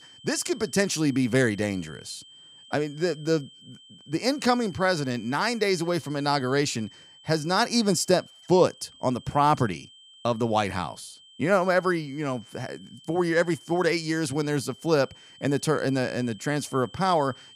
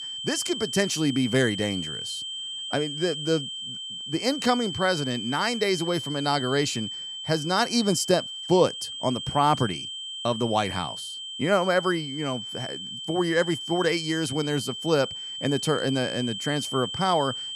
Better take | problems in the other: first | high-pitched whine; loud; throughout; 3 kHz, 6 dB below the speech; faint in the first

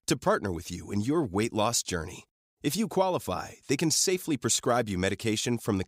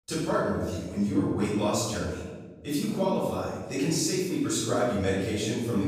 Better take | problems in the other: first | off-mic speech; far // room echo; strong; dies away in 1.4 s

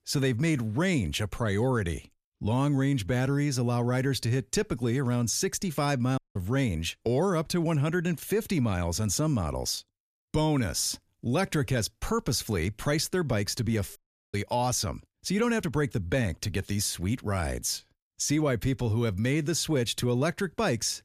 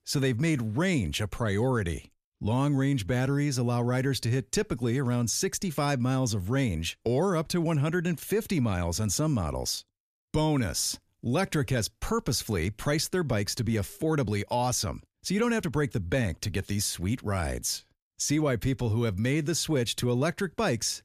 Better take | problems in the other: second | audio cutting out; at 6 s and at 14 s

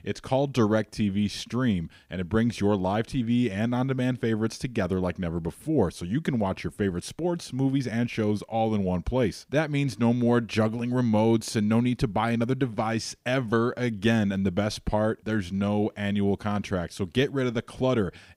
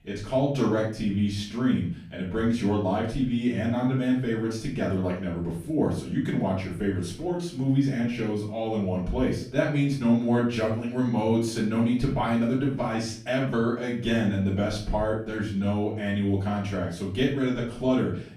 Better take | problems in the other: first | off-mic speech; far // room echo; noticeable; dies away in 0.4 s

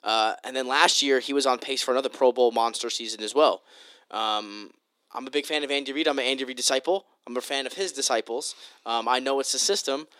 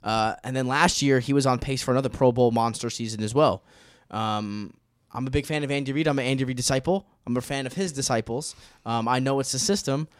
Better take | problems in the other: second | thin; somewhat; fading below 300 Hz

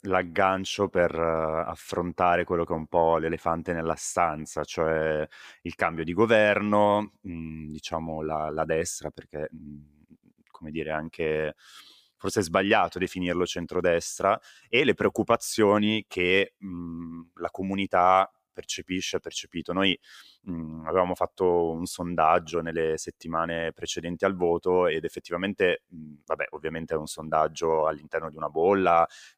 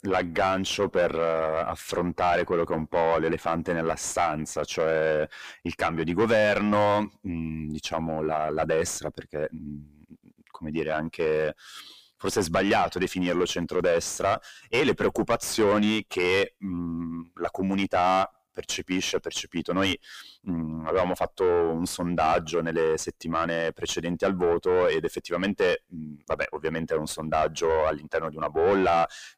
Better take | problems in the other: first | distortion; heavy; 6 dB below the speech

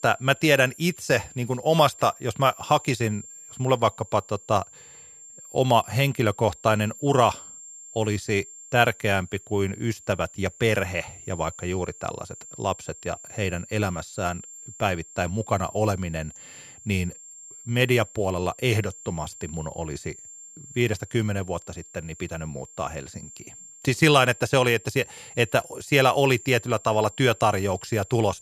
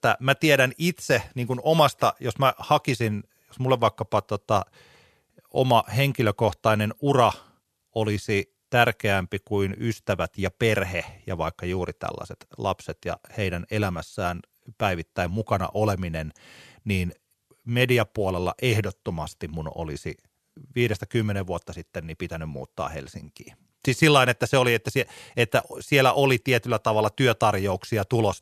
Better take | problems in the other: second | high-pitched whine; noticeable; throughout; 7.5 kHz, 20 dB below the speech

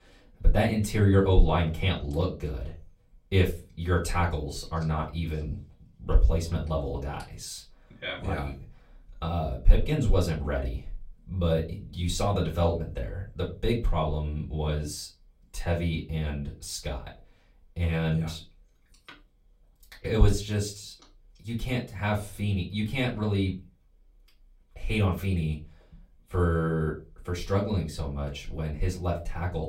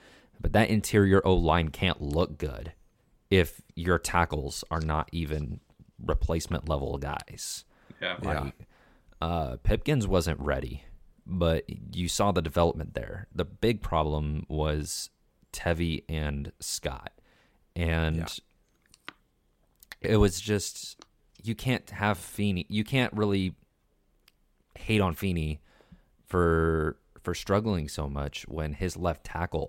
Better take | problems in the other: second | off-mic speech; far // room echo; very slight; dies away in 0.3 s

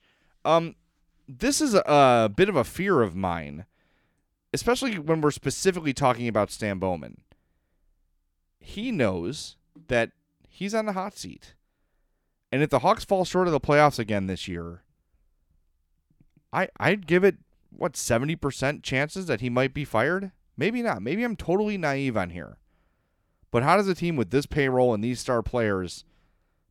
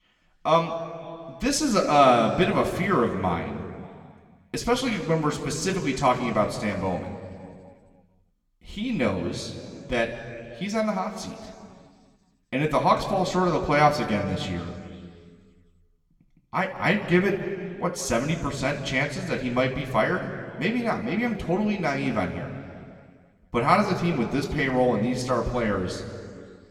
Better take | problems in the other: first | room echo; slight; dies away in 2.1 s // off-mic speech; somewhat distant

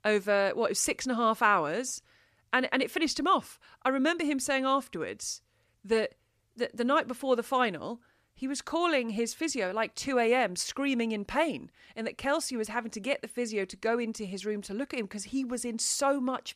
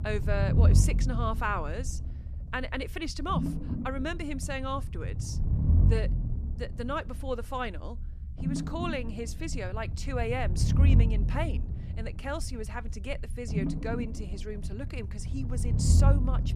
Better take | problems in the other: first | low rumble; loud; throughout; 7 dB below the speech

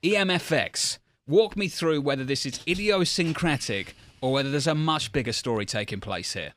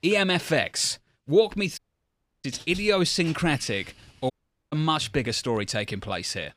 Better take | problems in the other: first | audio cutting out; at 2 s for 0.5 s and at 4.5 s

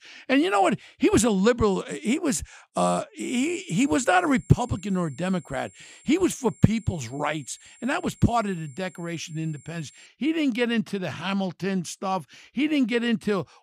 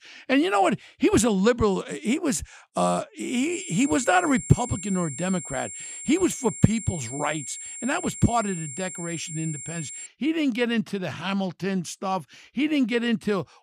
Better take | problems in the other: first | high-pitched whine; loud; from 3.5 to 10 s; 7.5 kHz, 9 dB below the speech; faint in the first

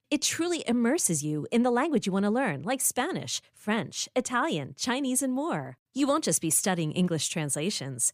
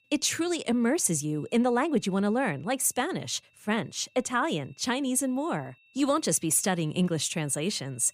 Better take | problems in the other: first | high-pitched whine; faint; throughout; 2.5 kHz, 35 dB below the speech

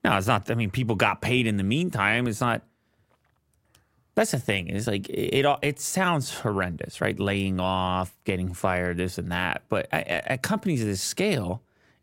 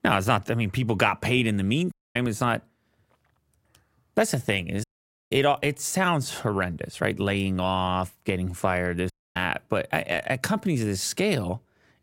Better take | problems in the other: first | audio cutting out; at 2 s, at 5 s and at 9 s

